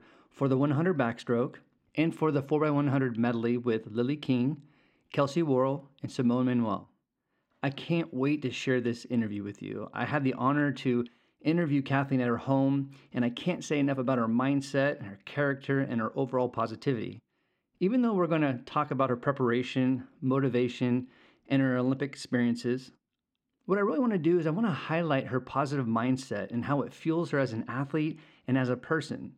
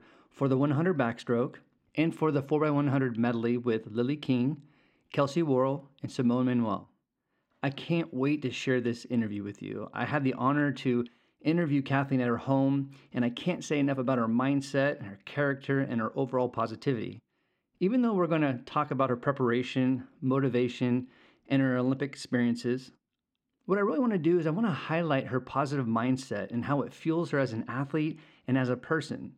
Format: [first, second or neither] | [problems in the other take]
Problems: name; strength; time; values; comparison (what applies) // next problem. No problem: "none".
neither | none